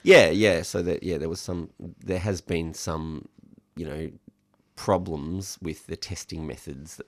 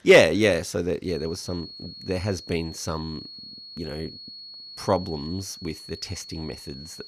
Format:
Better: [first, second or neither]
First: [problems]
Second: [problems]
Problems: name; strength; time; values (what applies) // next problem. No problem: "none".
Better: first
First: none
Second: high-pitched whine; noticeable; from 1 s on; 4.5 kHz, 15 dB below the speech